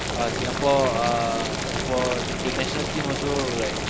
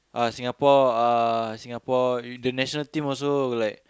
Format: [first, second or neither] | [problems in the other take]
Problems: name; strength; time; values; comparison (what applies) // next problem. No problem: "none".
second | background sound (Boiling); 1 dB below the speech